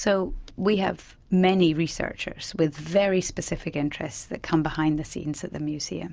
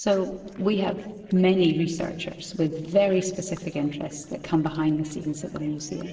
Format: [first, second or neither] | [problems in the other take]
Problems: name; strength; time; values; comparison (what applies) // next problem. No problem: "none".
first | noise reduction (neural separator model SepFormer DNS4)